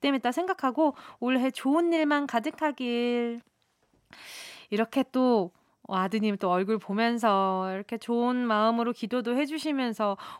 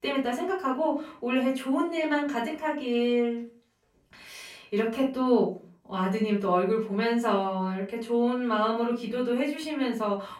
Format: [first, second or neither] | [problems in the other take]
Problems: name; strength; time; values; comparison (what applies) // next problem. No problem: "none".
first | off-mic speech; far // room echo; slight; dies away in 0.4 s